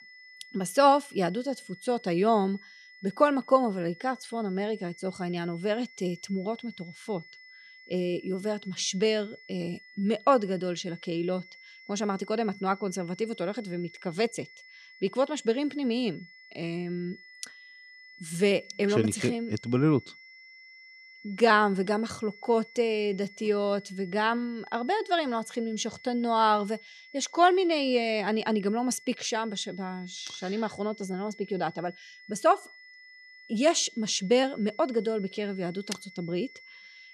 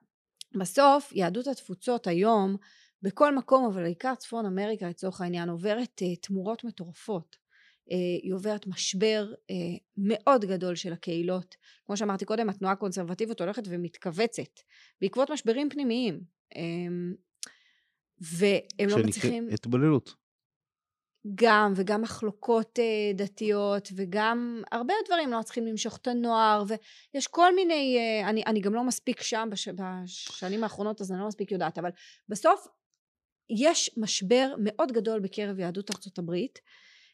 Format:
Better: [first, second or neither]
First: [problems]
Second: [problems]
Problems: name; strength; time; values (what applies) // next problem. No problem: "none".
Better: second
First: high-pitched whine; faint; throughout; 2 kHz, 20 dB below the speech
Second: none